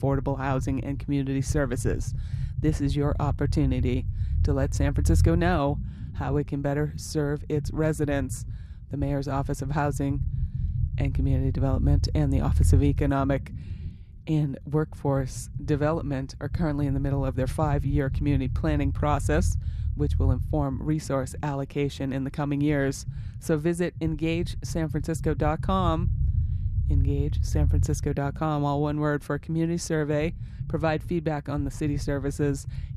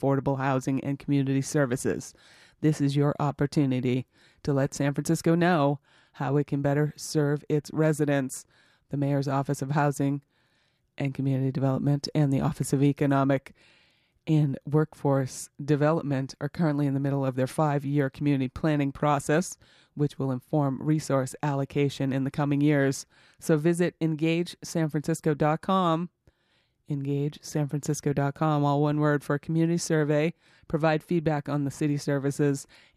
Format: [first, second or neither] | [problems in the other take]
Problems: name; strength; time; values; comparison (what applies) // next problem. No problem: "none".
second | low rumble; noticeable; throughout; 15 dB below the speech